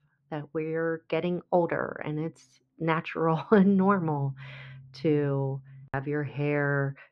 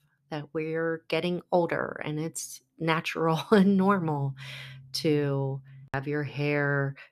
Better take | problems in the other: second | muffled; very; fading above 2 kHz

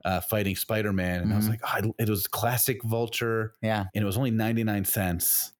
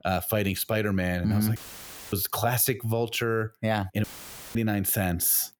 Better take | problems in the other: first | audio cutting out; filled with static; at 1.5 s for 0.5 s and at 4 s for 0.5 s

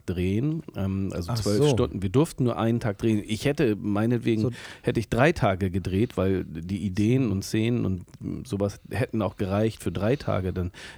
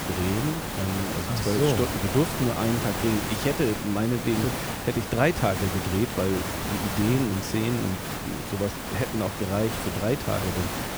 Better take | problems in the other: first | hiss; loud; throughout; 3 dB below the speech

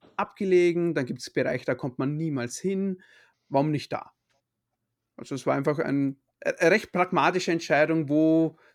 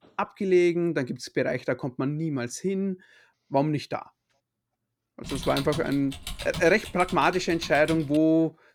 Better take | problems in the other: first | keyboard typing; noticeable; from 5 to 8 s; peak 8 dB below the speech

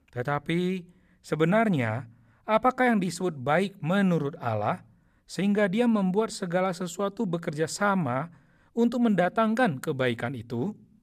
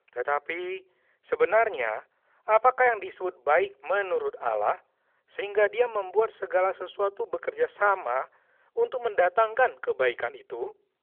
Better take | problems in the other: first | phone-call audio; nothing above 3.5 kHz

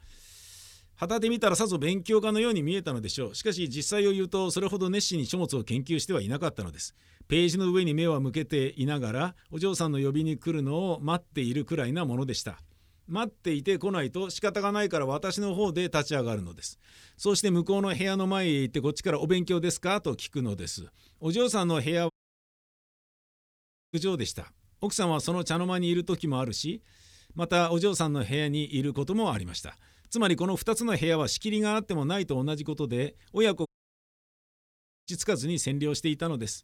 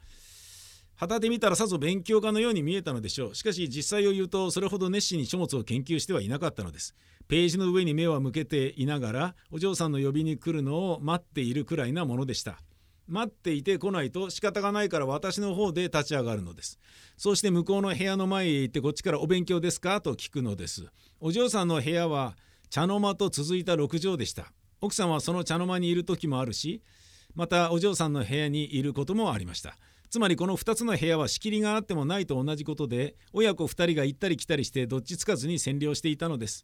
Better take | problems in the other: second | audio cutting out; at 22 s for 2 s and at 34 s for 1.5 s

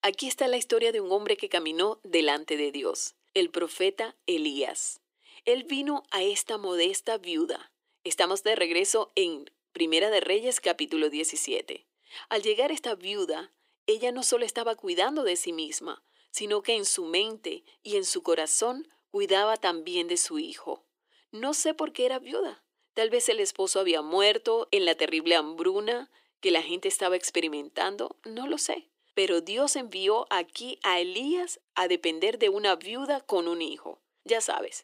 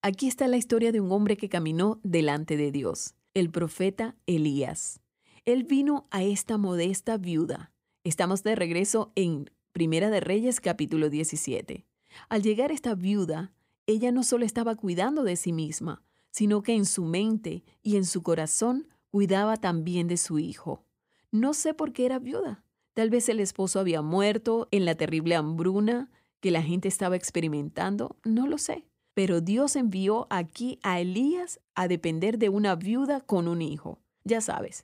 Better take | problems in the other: second | thin; very; fading below 350 Hz

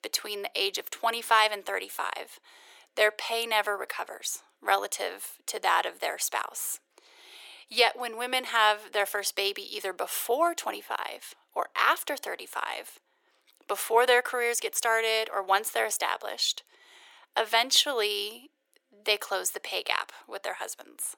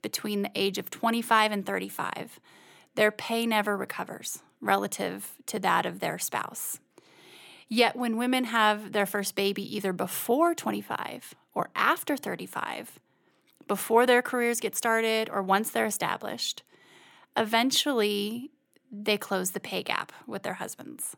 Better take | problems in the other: second | thin; very; fading below 450 Hz

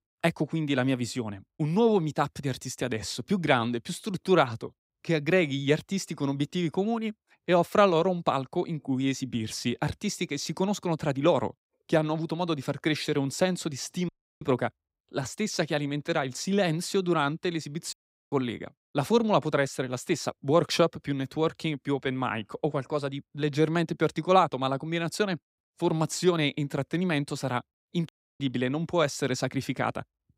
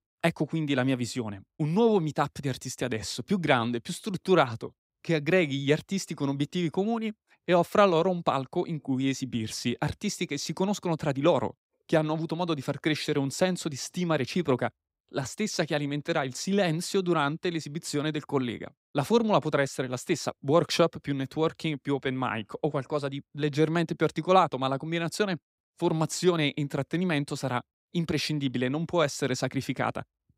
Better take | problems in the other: second | audio cutting out; at 14 s, at 18 s and at 28 s

